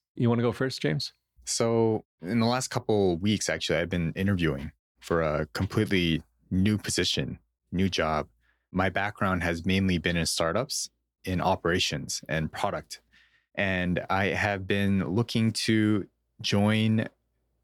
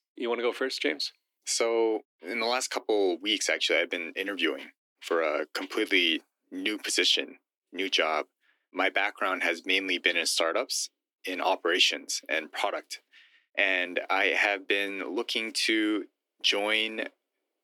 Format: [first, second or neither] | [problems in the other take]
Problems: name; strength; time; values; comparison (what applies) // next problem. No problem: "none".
first | thin; somewhat; fading below 300 Hz